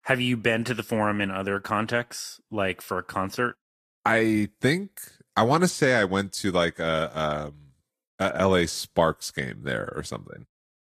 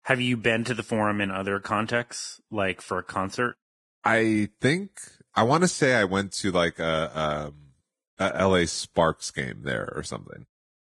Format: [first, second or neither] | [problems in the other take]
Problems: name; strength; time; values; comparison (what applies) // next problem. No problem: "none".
first | garbled, watery; badly; slightly in the first